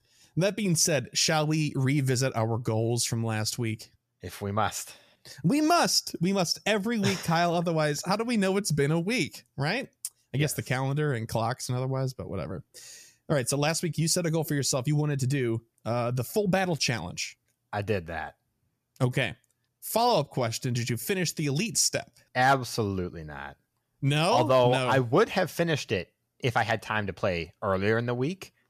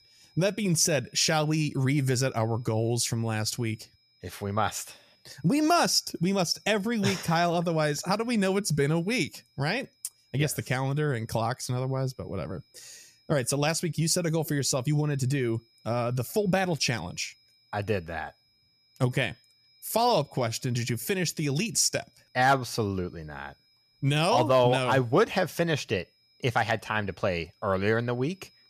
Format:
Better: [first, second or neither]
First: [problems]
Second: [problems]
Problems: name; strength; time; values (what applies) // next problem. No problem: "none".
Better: first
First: none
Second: high-pitched whine; faint; throughout; 5 kHz, 35 dB below the speech